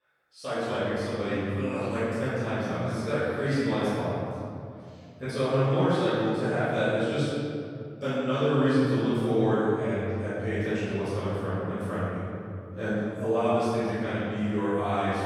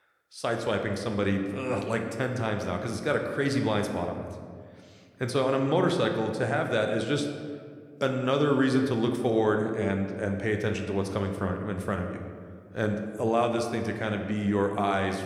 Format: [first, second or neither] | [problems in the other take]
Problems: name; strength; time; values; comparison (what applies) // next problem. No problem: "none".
second | room echo; strong; dies away in 2.4 s; slight in the second // off-mic speech; far